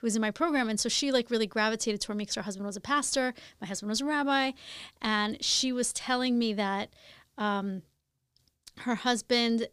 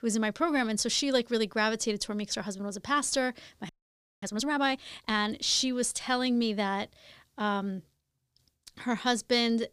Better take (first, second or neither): first